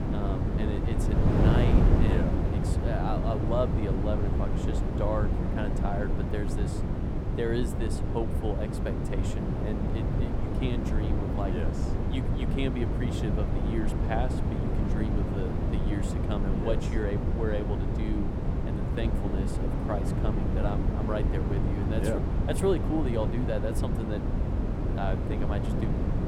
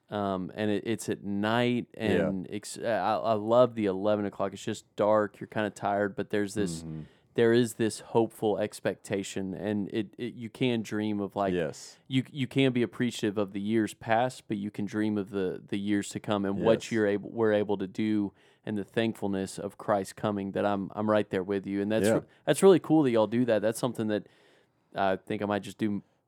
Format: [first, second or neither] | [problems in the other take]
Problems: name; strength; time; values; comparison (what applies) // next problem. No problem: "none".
second | wind noise on the microphone; heavy; 1 dB below the speech